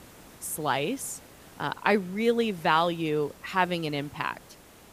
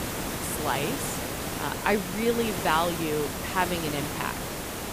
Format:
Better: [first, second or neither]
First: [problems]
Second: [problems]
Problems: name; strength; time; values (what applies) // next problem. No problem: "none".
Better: first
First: hiss; faint; throughout; 20 dB below the speech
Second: hiss; loud; throughout; 3 dB below the speech